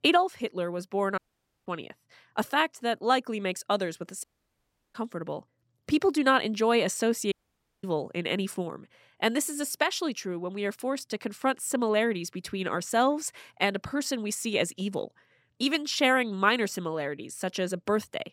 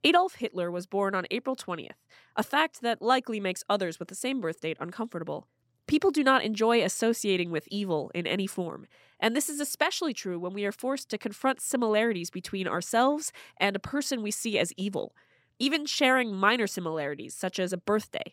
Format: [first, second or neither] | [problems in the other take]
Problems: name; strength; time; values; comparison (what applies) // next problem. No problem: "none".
second | audio cutting out; at 1 s, at 4 s for 0.5 s and at 7.5 s for 0.5 s